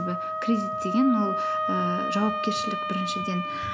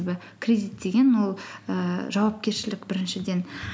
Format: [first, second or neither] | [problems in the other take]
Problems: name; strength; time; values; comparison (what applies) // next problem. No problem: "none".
second | background sound (Wind instrument, woodwind instrument); 1 dB below the speech